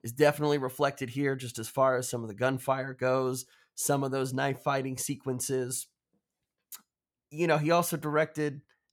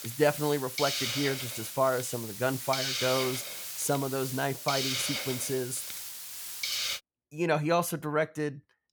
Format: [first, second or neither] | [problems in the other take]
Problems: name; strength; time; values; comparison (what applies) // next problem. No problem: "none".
first | hiss; loud; until 7 s; 3 dB below the speech